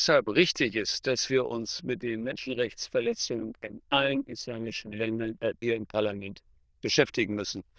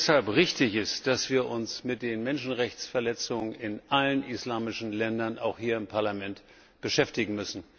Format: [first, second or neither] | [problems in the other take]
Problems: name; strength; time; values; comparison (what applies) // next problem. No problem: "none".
second | noise reduction (neural diffusion model UNIVERSE++)